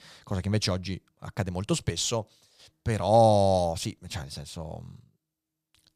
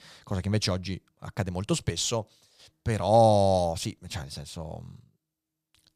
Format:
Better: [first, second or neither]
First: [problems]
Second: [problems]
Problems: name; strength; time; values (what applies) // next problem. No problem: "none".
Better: neither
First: none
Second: none